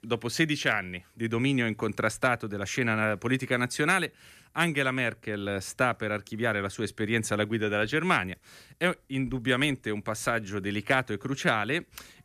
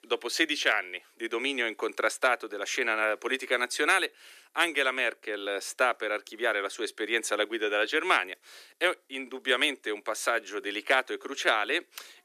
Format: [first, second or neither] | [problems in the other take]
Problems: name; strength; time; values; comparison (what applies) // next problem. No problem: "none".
first | thin; very; fading below 350 Hz